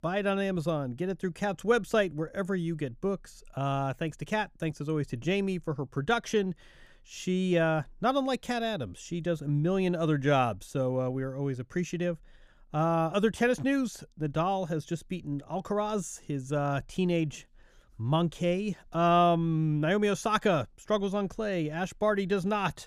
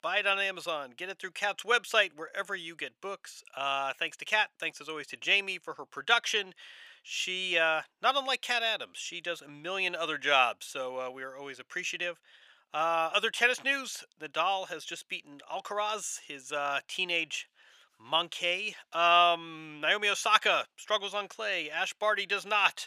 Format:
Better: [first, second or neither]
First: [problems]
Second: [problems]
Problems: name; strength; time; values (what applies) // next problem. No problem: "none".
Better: first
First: none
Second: thin; very; fading below 850 Hz